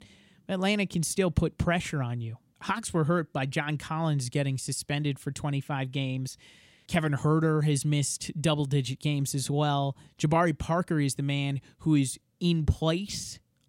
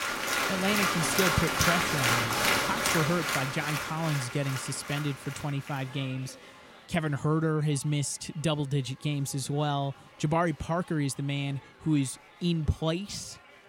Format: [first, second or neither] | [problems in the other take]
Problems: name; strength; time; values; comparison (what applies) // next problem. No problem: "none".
first | crowd noise; very loud; throughout; 3 dB above the speech